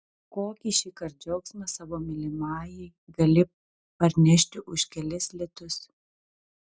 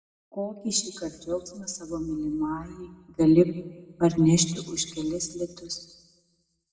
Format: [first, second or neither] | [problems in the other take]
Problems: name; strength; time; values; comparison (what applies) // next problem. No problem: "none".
first | room echo; dies away in 1.2 s